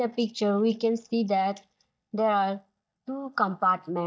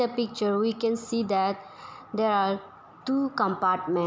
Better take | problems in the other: second | noise reduction (neural mask model DeepFilterNet 3)

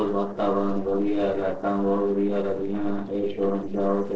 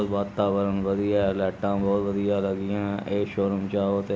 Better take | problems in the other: second | noise reduction (neural separator model SepFormer DNS4)

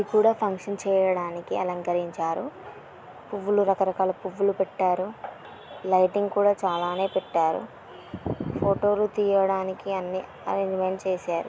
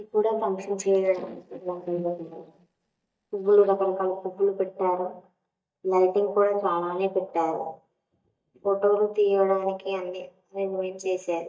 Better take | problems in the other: first | noise reduction (neural mask model DeepFilterNet 3)

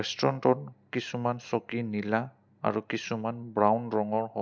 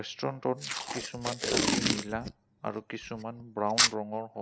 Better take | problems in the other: first | background sound (Packing tape, duct tape); 3 dB above the speech

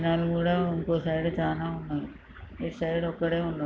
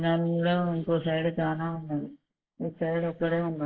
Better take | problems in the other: first | noise reduction (neural mask model Resemble Enhance denoiser)

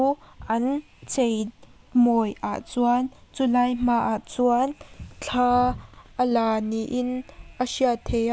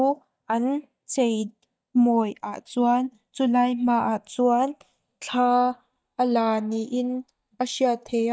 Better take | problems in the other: first | noise reduction (neural mask model DeepFilterNet 3)

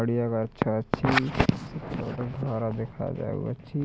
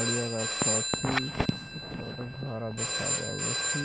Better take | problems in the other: first | background sound (Telephone); 1 dB above the speech

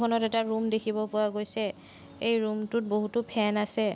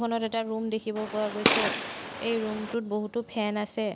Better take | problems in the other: first | background sound (Gunshot, gunfire); as loud as the speech

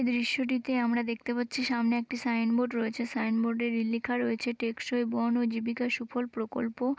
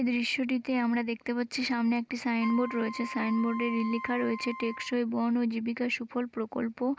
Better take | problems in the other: first | background sound (Wind instrument, woodwind instrument); 12 dB below the speech

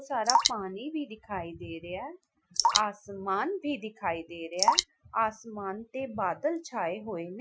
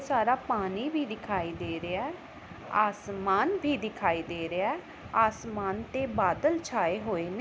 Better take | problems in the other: second | noise reduction (classical method Wiener filter)

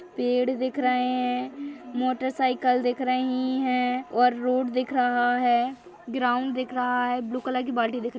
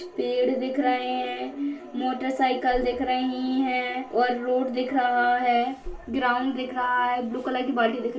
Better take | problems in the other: first | background sound (Breathing); 20 dB below the speech // room echo; dies away in 0.3 s

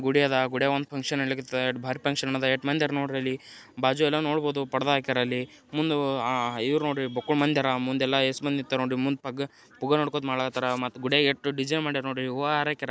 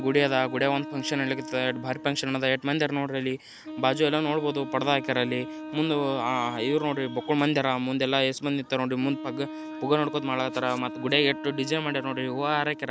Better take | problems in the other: first | background sound (Wind instrument, woodwind instrument); 12 dB below the speech

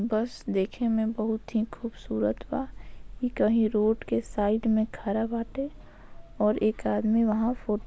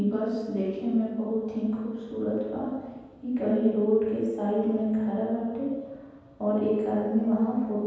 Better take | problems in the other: first | room echo; dies away in 1.2 s

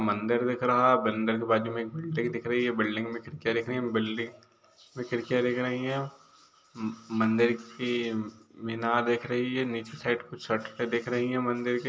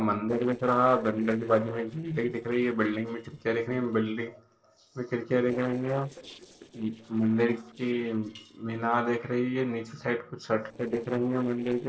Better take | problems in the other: first | noise reduction (neural separator model SepFormer DNS4)

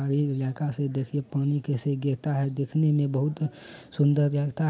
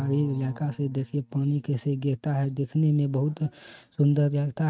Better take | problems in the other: first | noise reduction (neural mask model RNNoise)

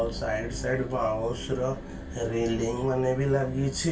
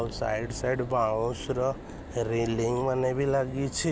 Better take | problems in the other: second | room echo; dies away in 0.2 s

